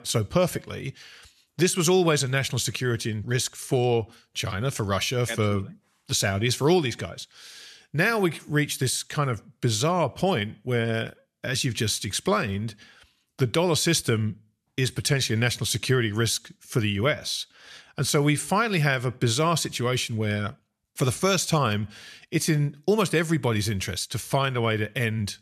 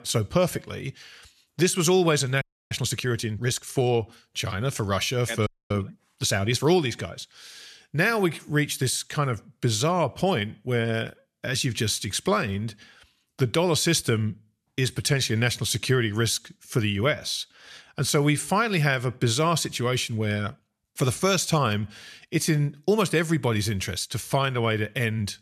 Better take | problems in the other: first | audio freezing; at 2.5 s and at 5.5 s

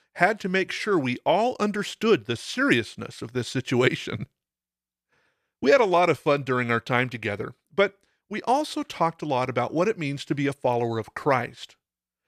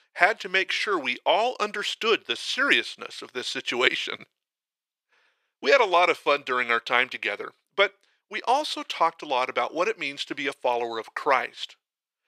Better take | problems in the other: first | thin; somewhat; fading below 450 Hz

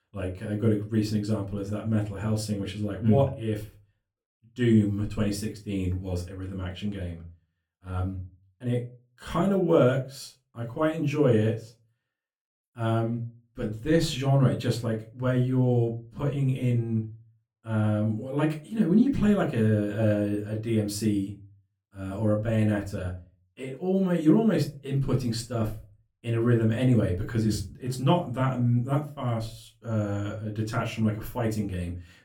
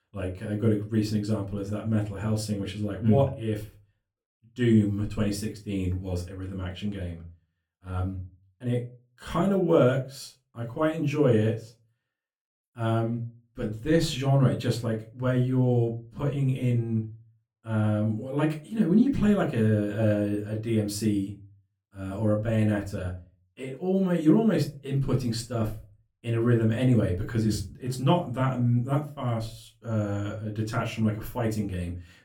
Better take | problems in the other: neither | off-mic speech; somewhat distant; the same in both // room echo; very slight; dies away in 0.3 s; the same in both

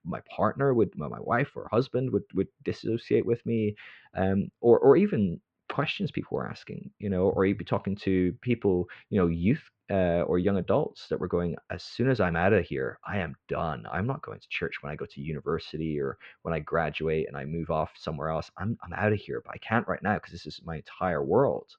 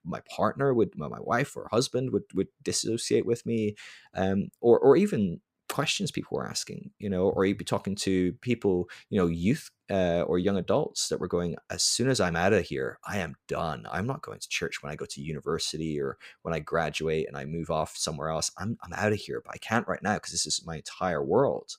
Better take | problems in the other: second | muffled; very; fading above 3 kHz

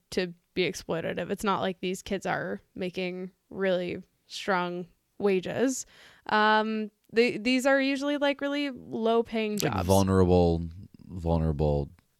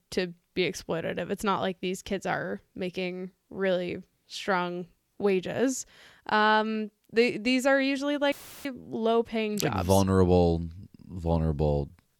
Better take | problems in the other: first | audio cutting out; filled with static; at 8.5 s

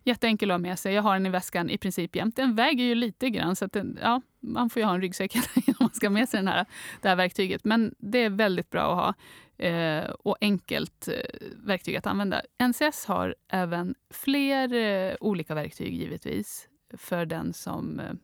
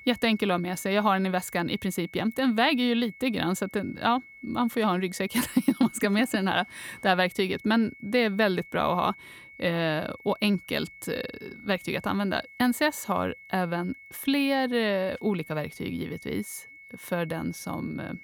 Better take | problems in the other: first | high-pitched whine; noticeable; throughout; 2 kHz, 20 dB below the speech

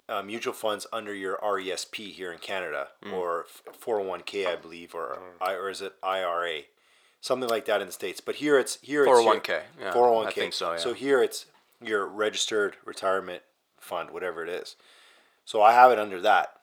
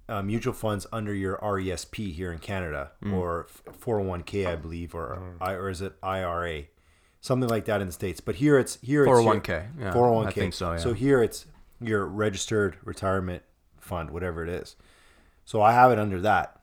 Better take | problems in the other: second | thin; somewhat; fading below 500 Hz

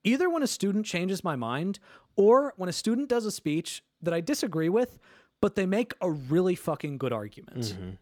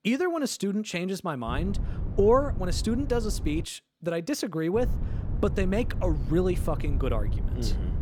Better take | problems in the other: first | wind noise on the microphone; occasional gusts; from 1.5 to 3.5 s and from 5 s on; 15 dB below the speech

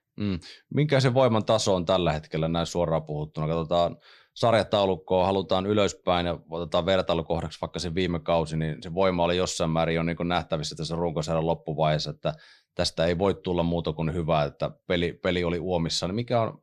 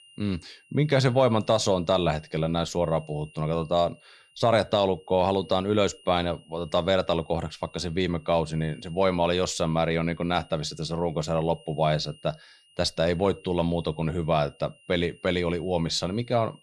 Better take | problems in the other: first | high-pitched whine; faint; throughout; 3 kHz, 25 dB below the speech

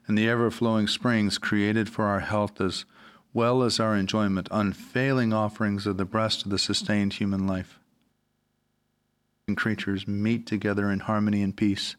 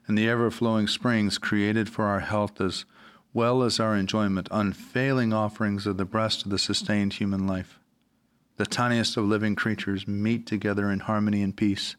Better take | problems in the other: second | audio freezing; at 8 s for 1.5 s

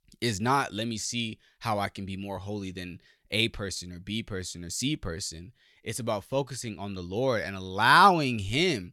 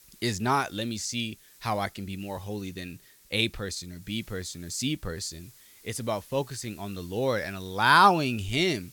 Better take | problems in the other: first | hiss; faint; throughout; 25 dB below the speech

